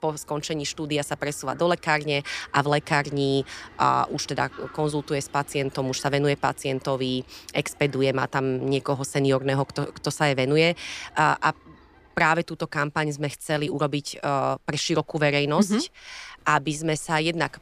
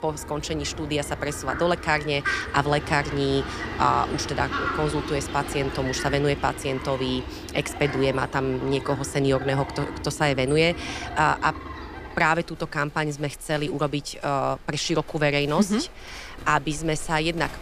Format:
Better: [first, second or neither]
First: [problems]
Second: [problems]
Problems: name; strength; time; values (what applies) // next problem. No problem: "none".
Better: first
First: animal sounds; faint; throughout; 25 dB below the speech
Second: animal sounds; loud; throughout; 9 dB below the speech